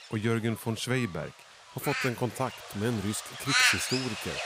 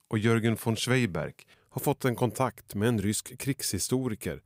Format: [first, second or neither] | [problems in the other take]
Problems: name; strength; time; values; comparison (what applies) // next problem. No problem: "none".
second | animal sounds; very loud; throughout; 4 dB above the speech